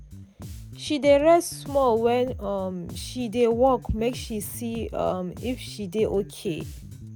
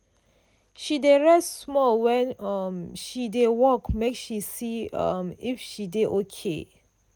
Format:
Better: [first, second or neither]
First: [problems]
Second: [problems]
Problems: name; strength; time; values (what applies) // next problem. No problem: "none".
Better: second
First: background sound (Bass guitar); 15 dB below the speech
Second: none